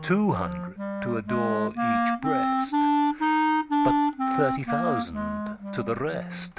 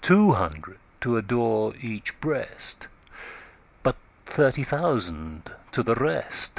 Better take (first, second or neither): second